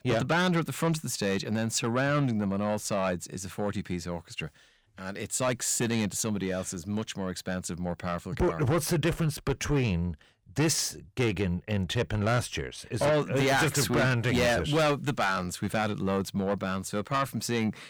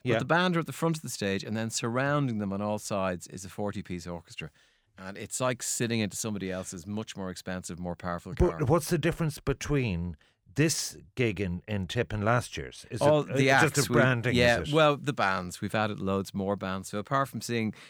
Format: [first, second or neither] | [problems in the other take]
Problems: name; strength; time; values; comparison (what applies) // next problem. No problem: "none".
second | distortion; heavy; 8 dB below the speech